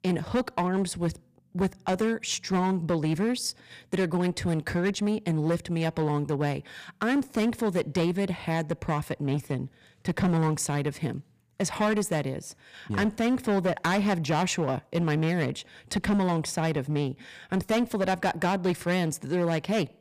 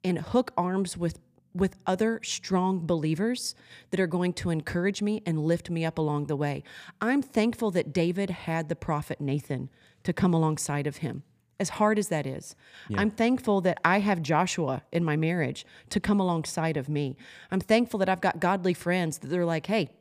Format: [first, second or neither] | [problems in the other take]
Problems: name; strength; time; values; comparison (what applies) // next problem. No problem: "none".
second | distortion; slight; 10% of the sound clipped